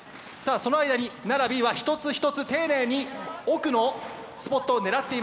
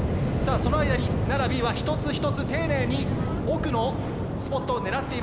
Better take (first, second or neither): first